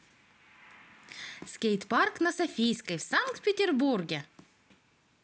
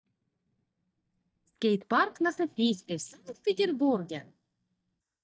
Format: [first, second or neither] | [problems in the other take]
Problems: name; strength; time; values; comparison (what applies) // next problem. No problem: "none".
first | noise reduction (neural mask model DeepFilterNet 3)